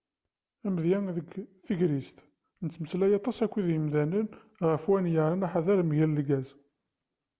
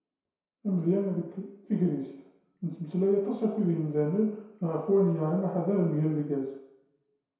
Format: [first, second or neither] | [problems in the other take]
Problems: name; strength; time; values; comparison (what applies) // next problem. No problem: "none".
first | room echo; dies away in 0.7 s